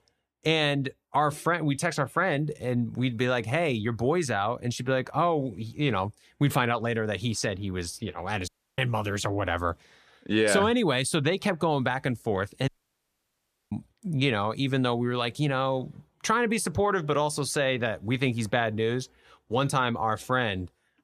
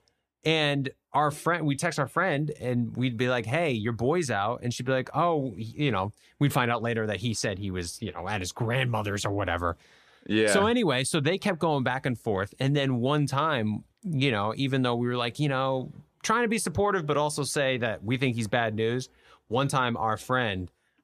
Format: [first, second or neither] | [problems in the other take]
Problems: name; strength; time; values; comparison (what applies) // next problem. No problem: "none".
second | audio cutting out; at 8.5 s and at 13 s for 1 s